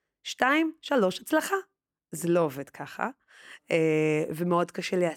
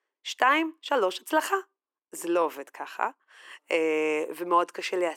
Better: first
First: none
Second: thin; very; fading below 350 Hz

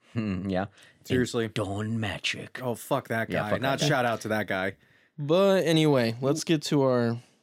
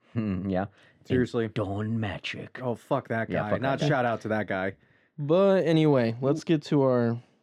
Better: first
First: none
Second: muffled; slightly; fading above 1.5 kHz

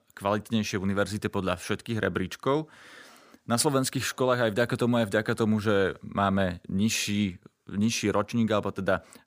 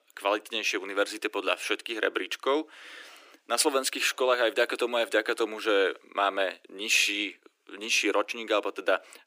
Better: first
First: none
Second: thin; very; fading below 300 Hz

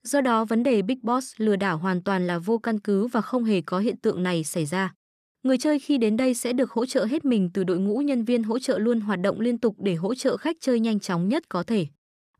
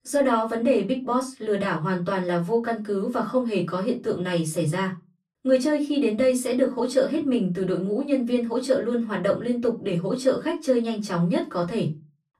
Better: first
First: none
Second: off-mic speech; far // room echo; very slight; dies away in 0.2 s

